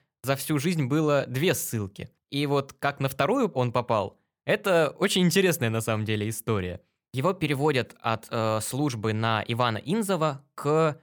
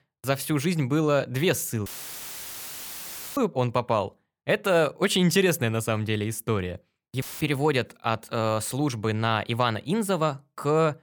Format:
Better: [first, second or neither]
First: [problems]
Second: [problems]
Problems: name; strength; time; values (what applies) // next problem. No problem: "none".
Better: first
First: none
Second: audio cutting out; filled with static; at 2 s for 1.5 s and at 7 s